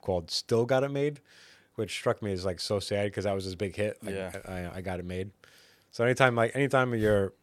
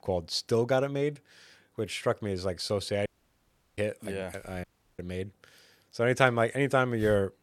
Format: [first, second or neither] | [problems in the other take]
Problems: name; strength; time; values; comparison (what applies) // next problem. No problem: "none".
first | audio cutting out; at 3 s for 0.5 s and at 4.5 s